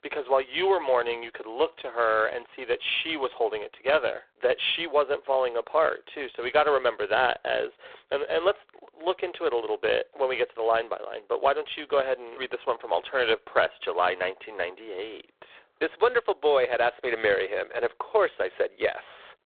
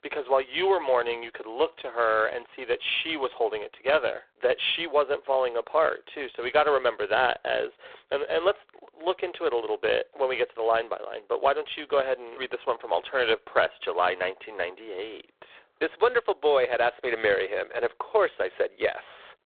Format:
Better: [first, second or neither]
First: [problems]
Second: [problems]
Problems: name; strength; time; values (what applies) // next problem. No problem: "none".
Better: neither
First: phone-call audio; poor line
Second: phone-call audio; poor line